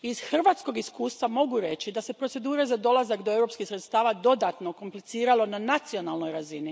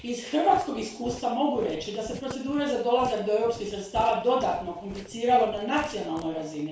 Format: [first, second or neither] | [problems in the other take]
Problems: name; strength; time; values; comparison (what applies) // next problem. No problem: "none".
first | background sound (Walk, footsteps); 18 dB below the speech // room echo; dies away in 0.4 s